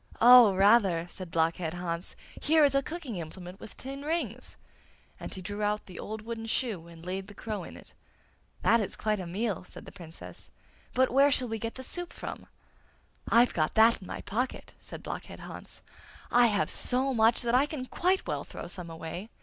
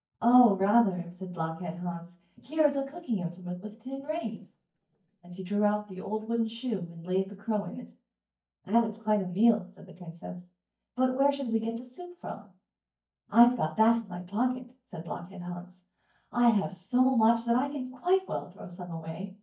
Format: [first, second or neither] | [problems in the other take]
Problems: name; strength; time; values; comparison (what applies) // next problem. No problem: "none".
first | noise reduction (neural mask model DeepFilterNet 3)